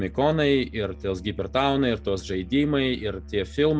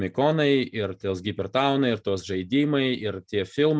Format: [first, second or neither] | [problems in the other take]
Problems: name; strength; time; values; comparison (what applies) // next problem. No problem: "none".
second | background sound (Musical instrument); 16 dB below the speech